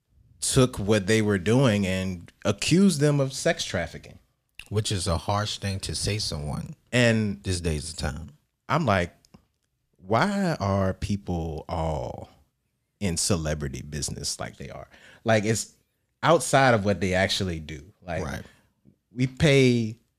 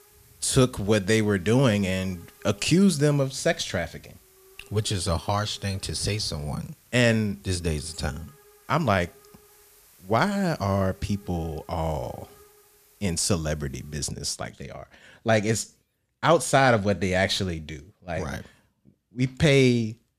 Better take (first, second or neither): first